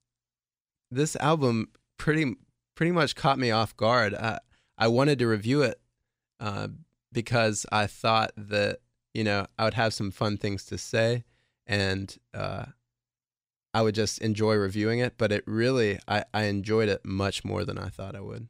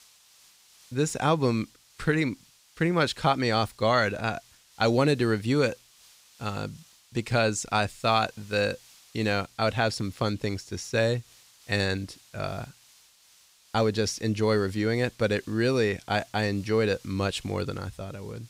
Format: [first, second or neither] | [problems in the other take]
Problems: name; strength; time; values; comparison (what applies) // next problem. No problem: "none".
first | hiss; faint; throughout; 25 dB below the speech